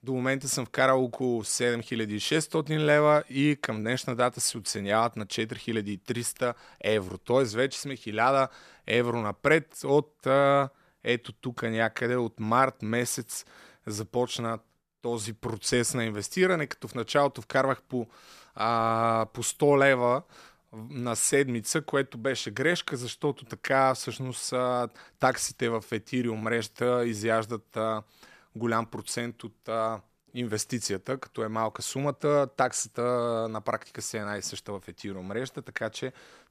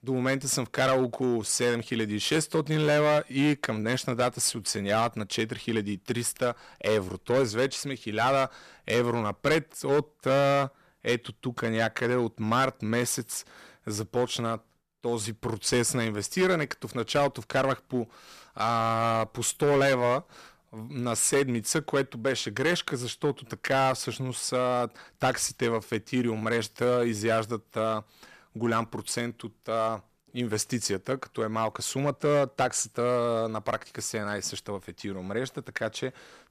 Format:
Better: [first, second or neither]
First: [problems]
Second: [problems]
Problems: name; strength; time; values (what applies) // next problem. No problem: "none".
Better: first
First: none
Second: distortion; slight; 5% of the sound clipped